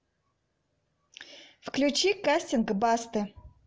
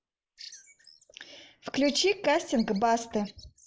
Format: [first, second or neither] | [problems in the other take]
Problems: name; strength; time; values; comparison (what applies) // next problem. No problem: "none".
first | noise reduction (neural mask model Resemble Enhance denoiser)